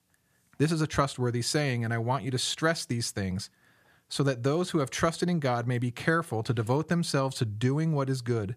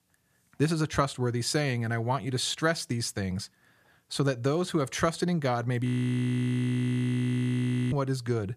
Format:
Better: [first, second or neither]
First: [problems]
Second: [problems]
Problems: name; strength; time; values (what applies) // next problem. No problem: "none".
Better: first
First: none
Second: audio freezing; at 6 s for 2 s